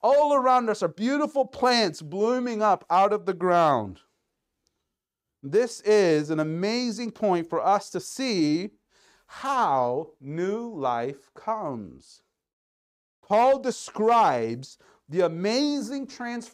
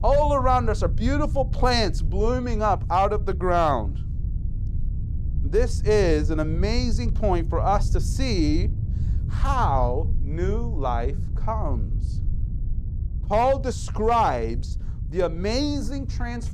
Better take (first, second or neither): first